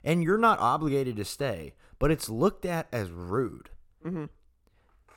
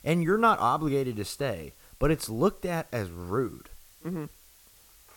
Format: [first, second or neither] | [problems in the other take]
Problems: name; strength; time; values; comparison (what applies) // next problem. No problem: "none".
first | hiss; faint; throughout; 25 dB below the speech